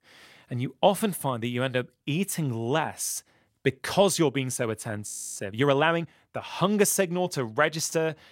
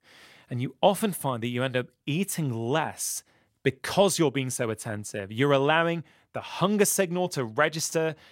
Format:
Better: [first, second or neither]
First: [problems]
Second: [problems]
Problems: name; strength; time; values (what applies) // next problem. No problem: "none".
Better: second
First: audio freezing; at 5 s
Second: none